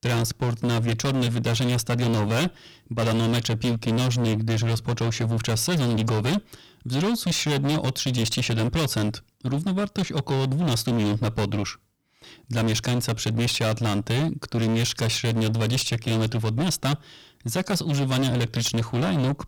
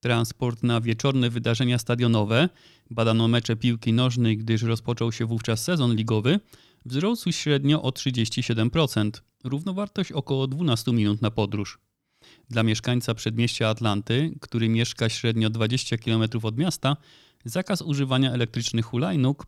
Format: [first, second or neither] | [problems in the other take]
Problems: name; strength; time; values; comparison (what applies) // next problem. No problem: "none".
second | distortion; heavy; 28% of the sound clipped